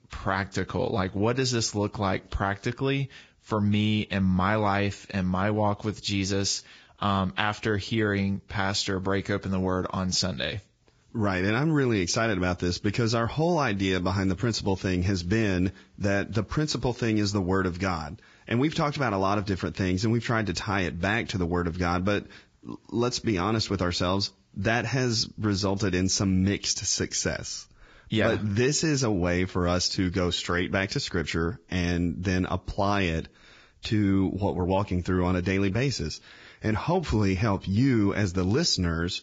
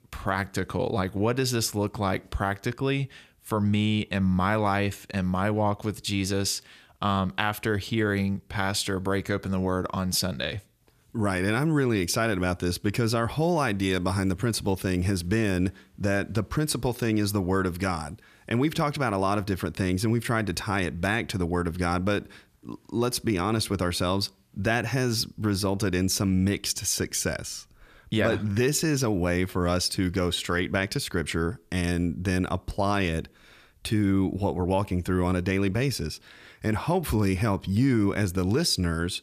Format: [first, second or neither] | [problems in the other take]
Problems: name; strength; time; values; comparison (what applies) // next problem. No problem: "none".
second | garbled, watery; badly; nothing above 7.5 kHz